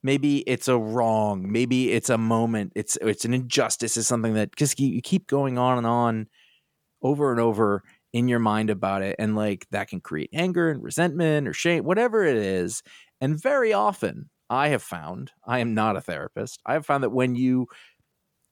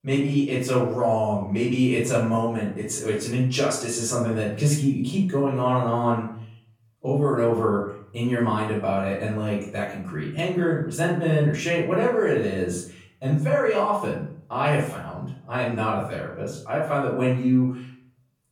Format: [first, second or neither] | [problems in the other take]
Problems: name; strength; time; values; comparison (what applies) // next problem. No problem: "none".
first | off-mic speech; far // room echo; noticeable; dies away in 0.5 s